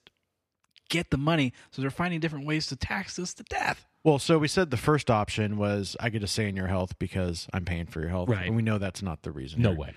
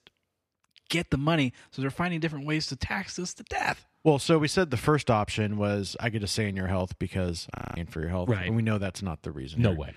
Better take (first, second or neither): first